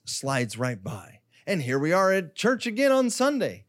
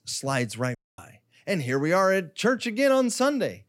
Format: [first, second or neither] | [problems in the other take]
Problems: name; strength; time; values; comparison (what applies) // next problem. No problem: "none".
first | audio cutting out; at 1 s